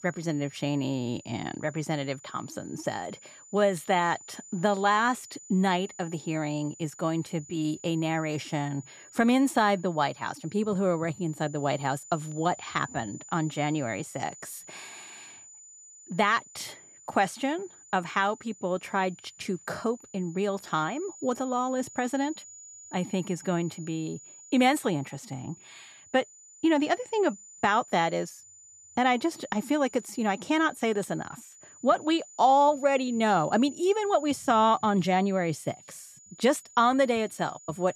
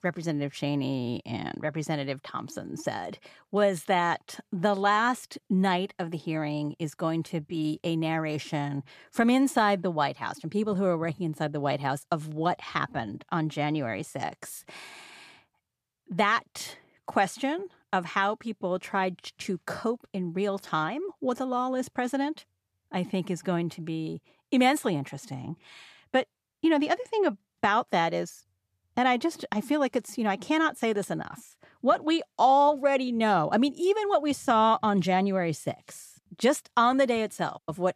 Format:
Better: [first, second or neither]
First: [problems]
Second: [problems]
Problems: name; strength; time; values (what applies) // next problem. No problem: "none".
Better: second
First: high-pitched whine; noticeable; throughout; 7 kHz, 20 dB below the speech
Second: none